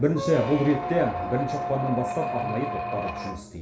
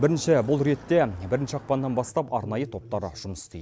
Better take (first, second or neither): second